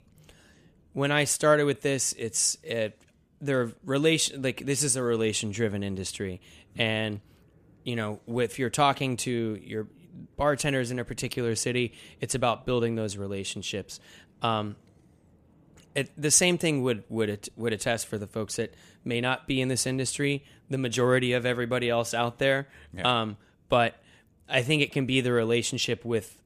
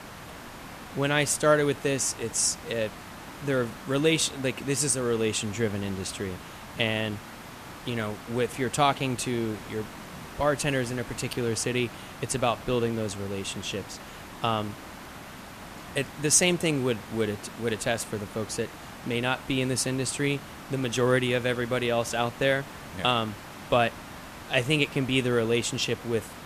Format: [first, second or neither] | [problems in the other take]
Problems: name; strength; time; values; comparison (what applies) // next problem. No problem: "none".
first | hiss; noticeable; throughout; 15 dB below the speech